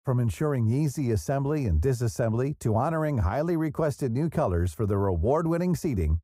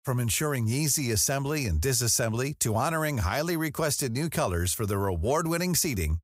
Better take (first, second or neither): second